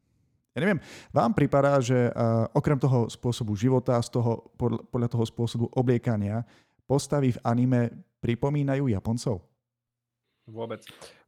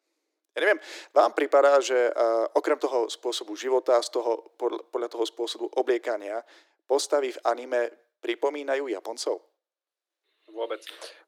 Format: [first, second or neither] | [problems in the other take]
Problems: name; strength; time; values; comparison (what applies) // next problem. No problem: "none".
first | thin; very; fading below 300 Hz